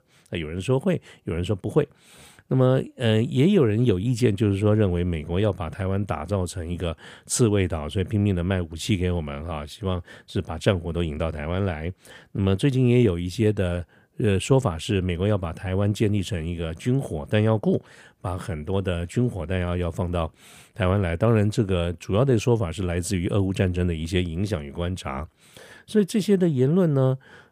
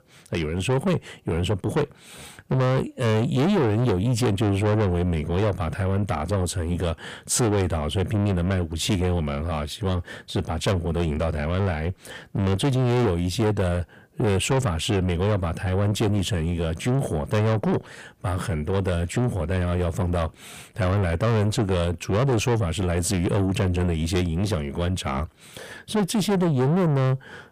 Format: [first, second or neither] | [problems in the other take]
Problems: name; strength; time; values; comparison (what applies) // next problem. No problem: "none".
first | distortion; heavy; 6 dB below the speech